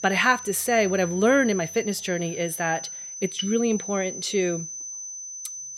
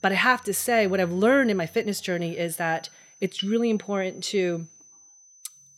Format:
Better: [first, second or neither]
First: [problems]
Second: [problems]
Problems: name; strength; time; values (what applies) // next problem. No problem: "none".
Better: second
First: high-pitched whine; loud; throughout; 6 kHz, 10 dB below the speech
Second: high-pitched whine; faint; throughout; 6 kHz, 25 dB below the speech